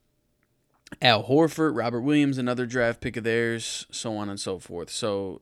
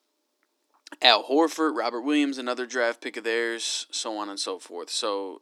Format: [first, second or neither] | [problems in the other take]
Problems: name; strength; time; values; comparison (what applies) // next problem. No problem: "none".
first | thin; very slightly; fading below 300 Hz